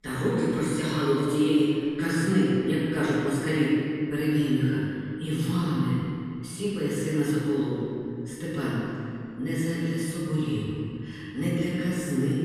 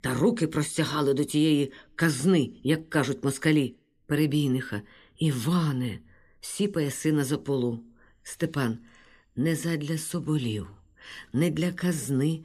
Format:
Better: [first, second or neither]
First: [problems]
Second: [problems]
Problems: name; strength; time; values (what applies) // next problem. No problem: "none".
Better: second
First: off-mic speech; far // room echo; strong; dies away in 2.2 s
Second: none